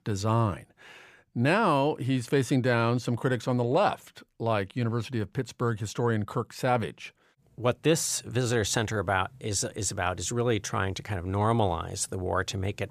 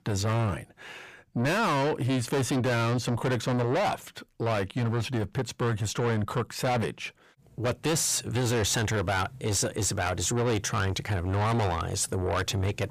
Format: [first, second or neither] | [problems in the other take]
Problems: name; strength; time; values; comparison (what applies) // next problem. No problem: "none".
first | distortion; heavy; 6 dB below the speech